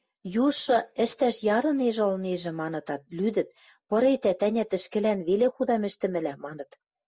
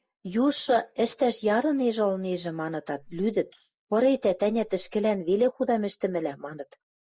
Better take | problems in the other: first | noise reduction (neural mask model Resemble Enhance denoiser)

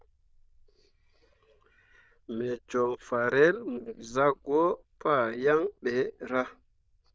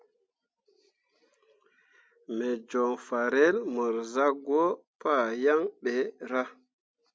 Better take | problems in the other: second | noise reduction (neural diffusion model UNIVERSE++)

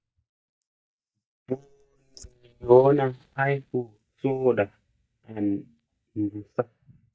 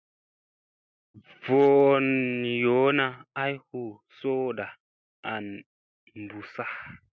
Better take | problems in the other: second | noise reduction (neural mask model DeepFilterNet 3)

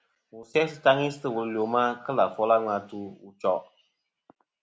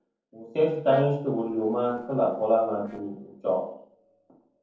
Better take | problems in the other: first | noise reduction (neural separator model SepFormer DNS4)

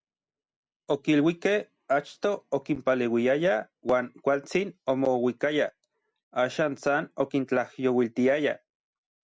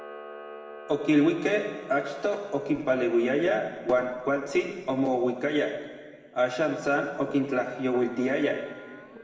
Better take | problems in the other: first | background sound (Camera); 19 dB below the speech // room echo; dies away in 1.9 s

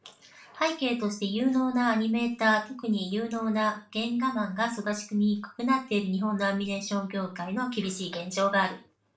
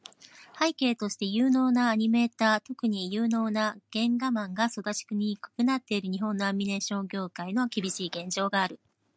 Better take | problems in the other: second | room echo; dies away in 0.3 s

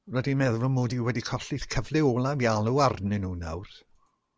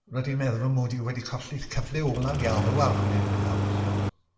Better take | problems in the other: first | background sound (Engine starting); 1 dB above the speech // room echo; dies away in 0.8 s

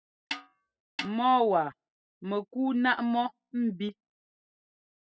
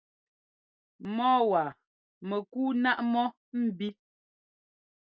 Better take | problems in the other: second | noise reduction (classical method spectral subtraction)

